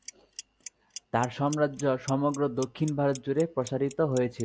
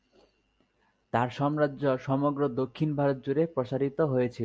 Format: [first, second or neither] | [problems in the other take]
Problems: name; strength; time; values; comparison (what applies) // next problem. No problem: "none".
second | background sound (Clock); 19 dB below the speech